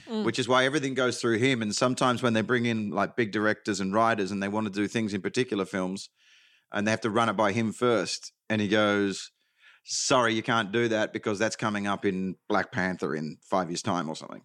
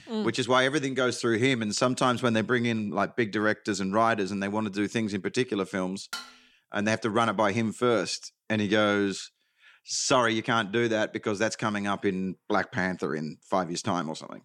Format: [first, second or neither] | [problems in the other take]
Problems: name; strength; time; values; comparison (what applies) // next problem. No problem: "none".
first | clattering dishes; faint; at 6 s; peak 10 dB below the speech